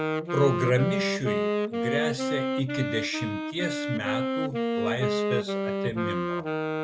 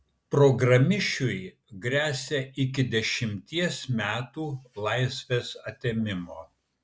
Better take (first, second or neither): second